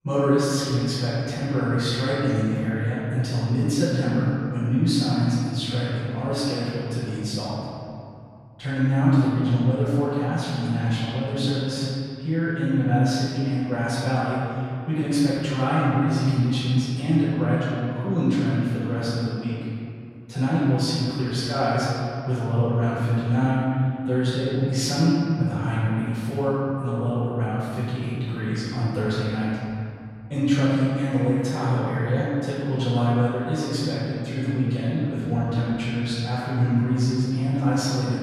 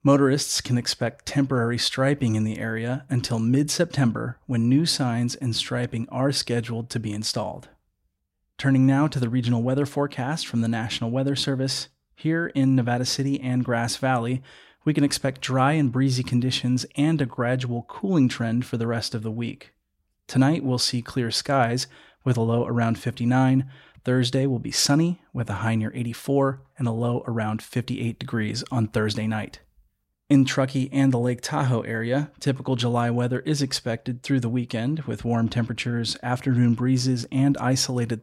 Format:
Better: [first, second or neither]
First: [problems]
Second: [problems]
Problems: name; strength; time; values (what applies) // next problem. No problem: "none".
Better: second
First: room echo; strong; dies away in 2.4 s // off-mic speech; far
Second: none